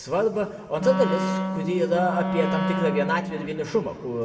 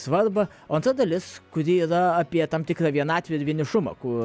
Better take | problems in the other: second | background sound (Wind instrument, woodwind instrument); 2 dB below the speech // room echo; dies away in 1.9 s

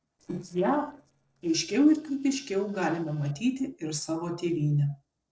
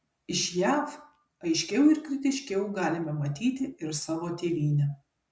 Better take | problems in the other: second | noise reduction (neural separator model SepFormer DNS4)

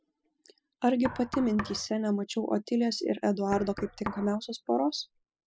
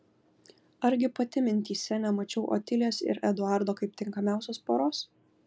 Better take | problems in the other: second | noise reduction (classical method spectral subtraction)

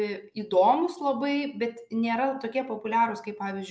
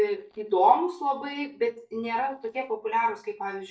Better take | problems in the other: first | noise reduction (neural mask model DeepFilterNet 3)

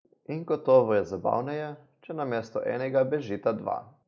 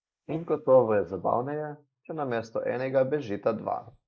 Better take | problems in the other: first | noise reduction (neural mask model Resemble Enhance denoiser)

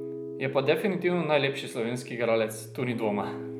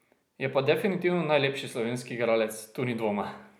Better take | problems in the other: second | background sound (Piano); 10 dB below the speech

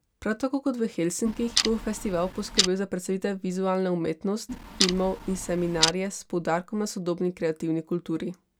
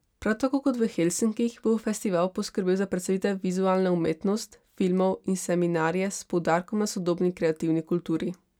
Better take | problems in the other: second | background sound (Clock); 4 dB below the speech

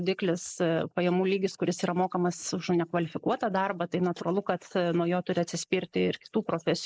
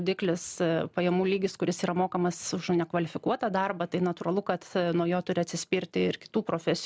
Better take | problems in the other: second | noise reduction (neural mask model Resemble Enhance denoiser)

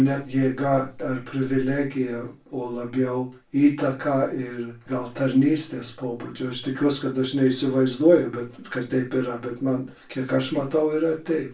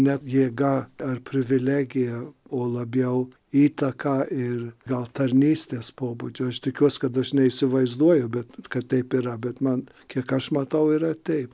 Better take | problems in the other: second | room echo; dies away in 0.3 s

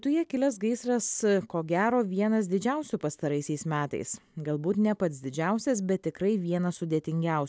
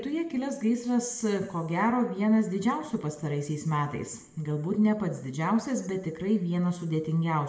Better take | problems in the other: first | room echo; dies away in 0.9 s

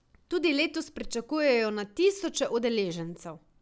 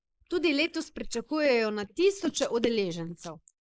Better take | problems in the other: first | noise reduction (neural mask model Resemble Enhance denoiser)

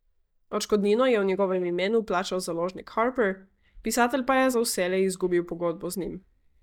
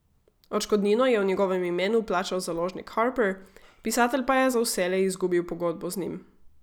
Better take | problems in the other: second | noise reduction (neural mask model DeepFilterNet 3)

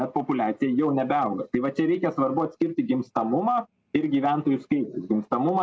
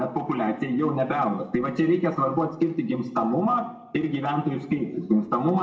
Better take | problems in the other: first | room echo; dies away in 0.7 s

